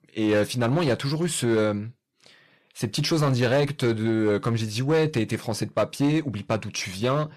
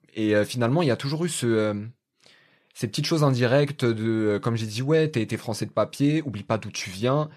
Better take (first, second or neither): second